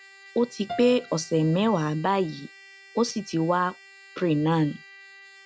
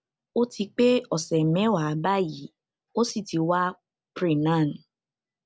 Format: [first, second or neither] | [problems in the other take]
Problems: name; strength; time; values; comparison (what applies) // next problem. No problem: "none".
second | background sound (Piano + Trumpet); 19 dB below the speech